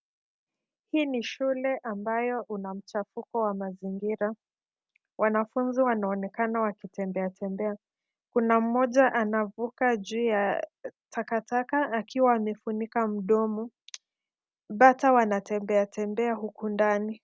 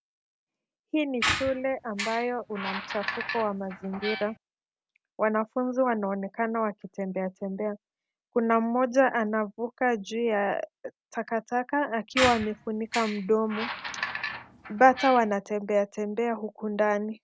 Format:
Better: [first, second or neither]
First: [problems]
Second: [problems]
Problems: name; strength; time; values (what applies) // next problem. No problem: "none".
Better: first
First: none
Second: background sound (Squeak); 6 dB below the speech